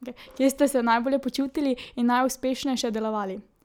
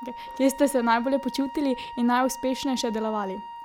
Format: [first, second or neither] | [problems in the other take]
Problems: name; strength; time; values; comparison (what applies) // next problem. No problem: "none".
first | background sound (Wind instrument, woodwind instrument); 13 dB below the speech